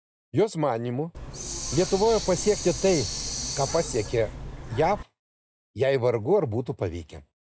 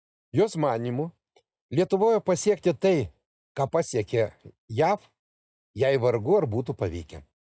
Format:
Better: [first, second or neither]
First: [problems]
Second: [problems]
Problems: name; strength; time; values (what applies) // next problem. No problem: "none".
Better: second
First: background sound (Hiss); 7 dB below the speech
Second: none